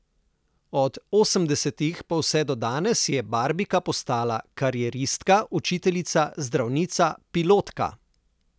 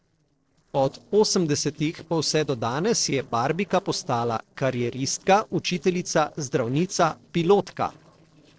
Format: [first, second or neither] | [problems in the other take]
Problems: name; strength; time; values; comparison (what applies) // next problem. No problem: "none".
first | noise reduction (neural separator model SepFormer DNS4)